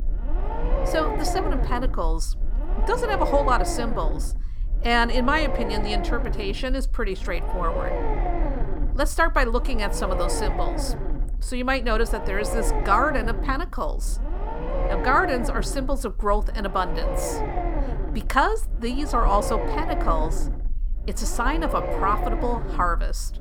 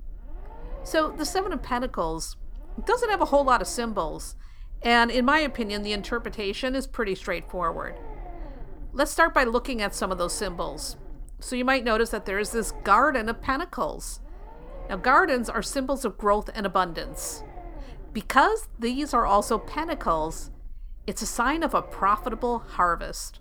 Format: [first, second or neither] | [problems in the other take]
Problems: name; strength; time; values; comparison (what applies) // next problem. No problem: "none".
second | low rumble; loud; throughout; 7 dB below the speech; faint in the second